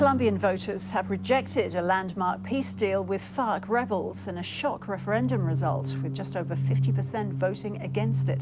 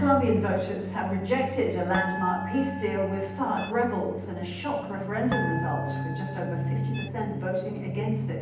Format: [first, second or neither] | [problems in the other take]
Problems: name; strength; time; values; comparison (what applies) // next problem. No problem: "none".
first | background sound (Harp); 9 dB below the speech // room echo; dies away in 0.9 s